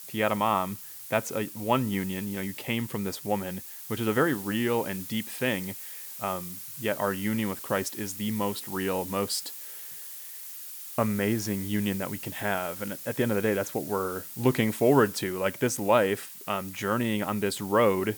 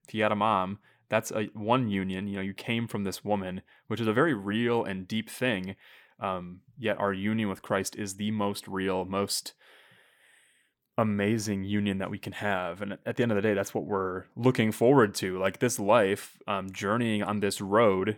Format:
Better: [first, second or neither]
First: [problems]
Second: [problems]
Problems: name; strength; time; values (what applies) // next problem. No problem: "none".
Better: second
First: hiss; loud; throughout; 10 dB below the speech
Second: none